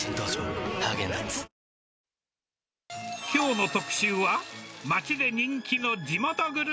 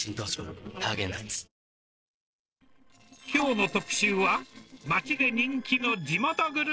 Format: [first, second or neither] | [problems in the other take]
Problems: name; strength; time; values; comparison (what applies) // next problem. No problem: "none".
first | noise reduction (neural separator model SepFormer DNS4)